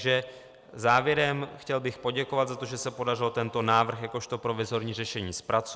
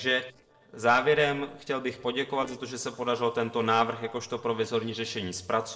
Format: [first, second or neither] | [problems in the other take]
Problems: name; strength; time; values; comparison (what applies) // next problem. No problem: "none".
first | noise reduction (neural separator model SepFormer DNS4)